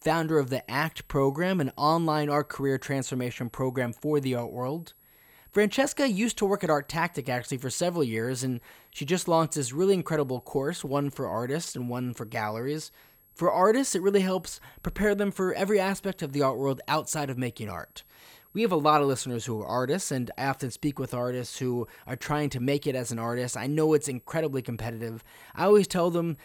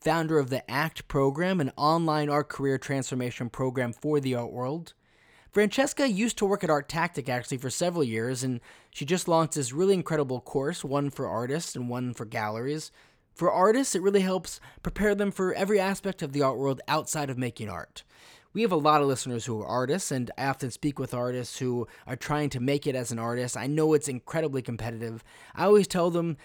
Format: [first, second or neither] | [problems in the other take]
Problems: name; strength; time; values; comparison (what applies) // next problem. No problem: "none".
second | high-pitched whine; faint; throughout; 11.5 kHz, 30 dB below the speech